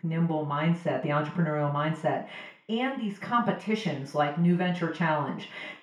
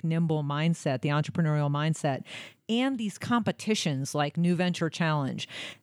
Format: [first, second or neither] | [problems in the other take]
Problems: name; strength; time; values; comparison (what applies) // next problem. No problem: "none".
second | room echo; slight; dies away in 0.5 s // off-mic speech; far